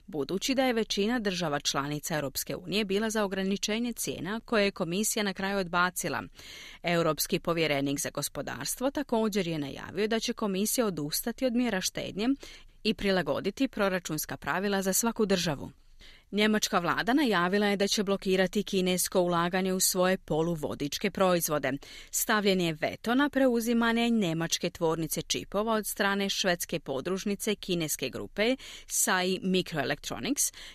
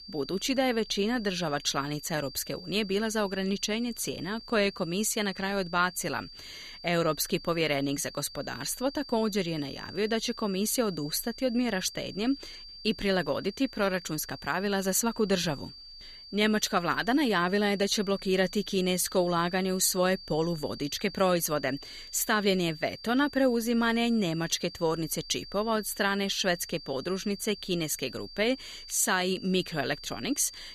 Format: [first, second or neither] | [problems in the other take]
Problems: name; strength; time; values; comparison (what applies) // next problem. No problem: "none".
first | high-pitched whine; noticeable; throughout; 4.5 kHz, 15 dB below the speech